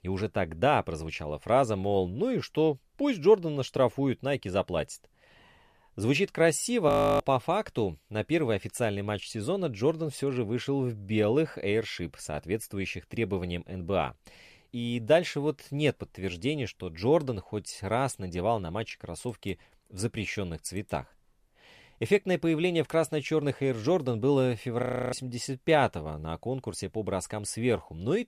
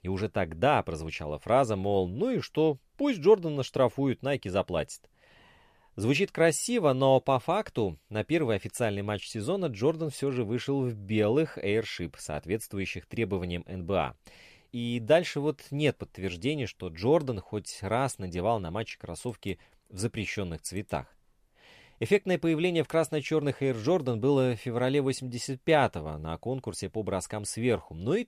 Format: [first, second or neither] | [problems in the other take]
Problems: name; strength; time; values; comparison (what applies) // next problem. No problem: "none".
second | audio freezing; at 7 s and at 25 s